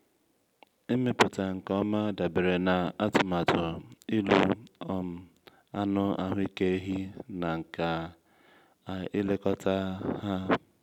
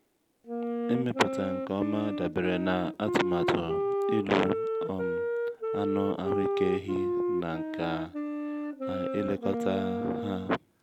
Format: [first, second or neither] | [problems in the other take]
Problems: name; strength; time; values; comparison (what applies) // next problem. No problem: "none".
first | background sound (Wind instrument, woodwind instrument); as loud as the speech